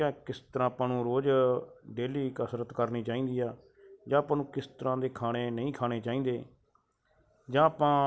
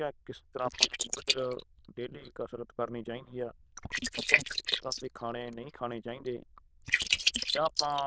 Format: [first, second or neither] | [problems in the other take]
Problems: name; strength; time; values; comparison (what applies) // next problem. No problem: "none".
first | noise reduction (neural diffusion model UNIVERSE++)